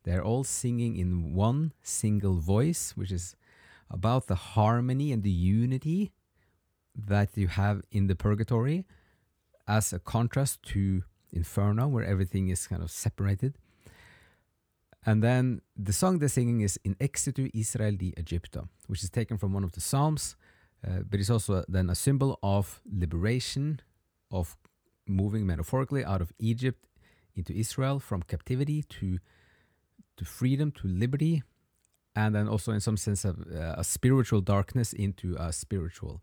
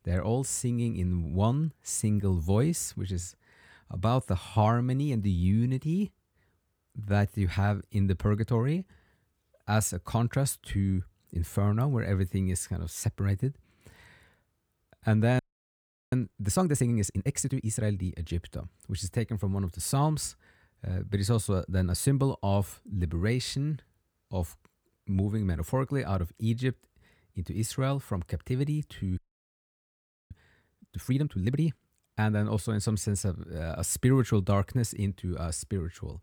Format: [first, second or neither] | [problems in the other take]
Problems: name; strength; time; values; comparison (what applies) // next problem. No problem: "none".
first | audio freezing; at 15 s for 0.5 s and at 29 s for 1 s